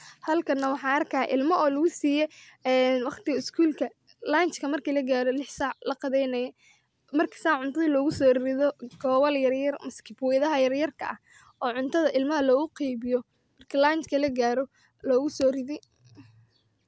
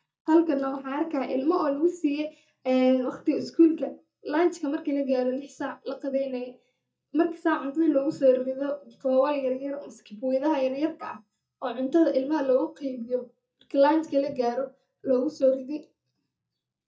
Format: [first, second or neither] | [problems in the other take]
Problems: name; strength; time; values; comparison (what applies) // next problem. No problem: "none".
first | noise reduction (neural mask model DeepFilterNet 3)